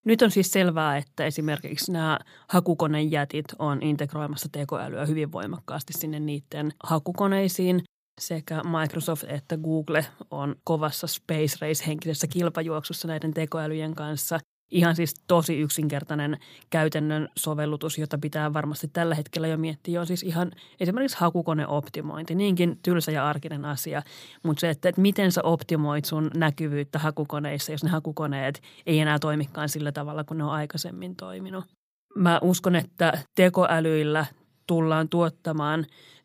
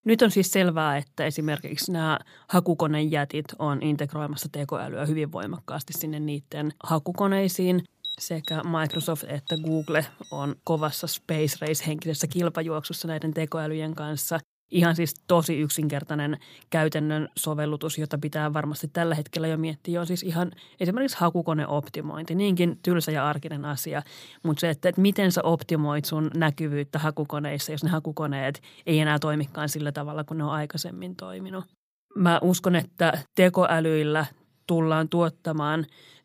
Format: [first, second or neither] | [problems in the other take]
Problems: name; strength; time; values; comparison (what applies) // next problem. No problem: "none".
first | alarm; noticeable; from 8 to 12 s; peak 8 dB below the speech